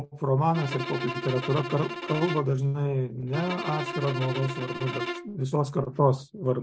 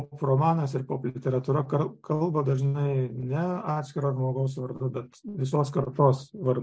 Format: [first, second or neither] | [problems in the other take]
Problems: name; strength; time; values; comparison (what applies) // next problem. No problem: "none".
second | background sound (Bowed string instrument); 8 dB below the speech